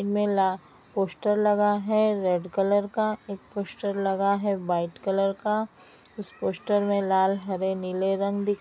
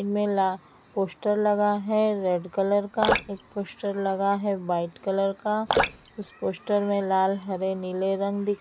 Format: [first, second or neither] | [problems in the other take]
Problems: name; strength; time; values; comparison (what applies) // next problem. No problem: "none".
first | background sound (Drip); 5 dB below the speech